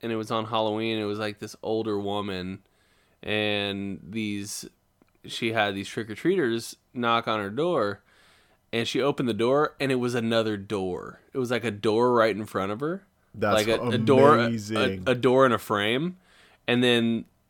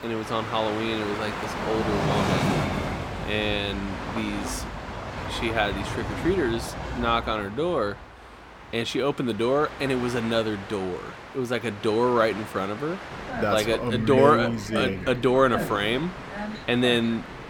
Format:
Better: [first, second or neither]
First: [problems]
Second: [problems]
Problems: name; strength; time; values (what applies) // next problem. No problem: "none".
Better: first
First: none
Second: train or aircraft noise; loud; throughout; 7 dB below the speech